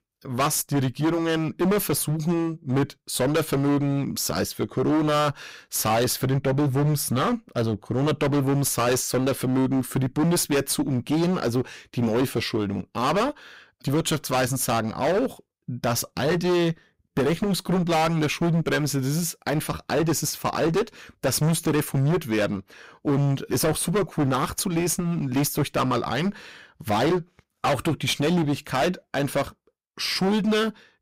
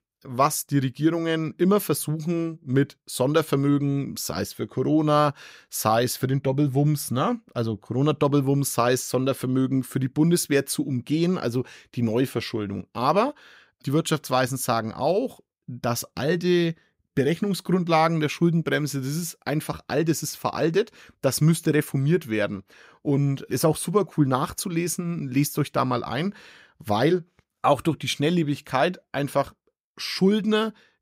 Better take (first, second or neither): second